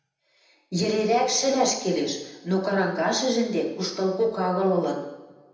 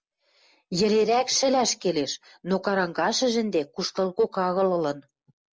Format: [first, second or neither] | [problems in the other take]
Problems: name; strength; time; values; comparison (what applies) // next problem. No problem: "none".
second | background sound (Cowbell); 17 dB below the speech // room echo; dies away in 0.8 s